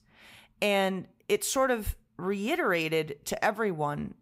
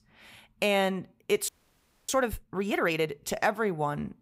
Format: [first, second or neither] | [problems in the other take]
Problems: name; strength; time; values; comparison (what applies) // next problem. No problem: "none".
first | audio freezing; at 1.5 s for 0.5 s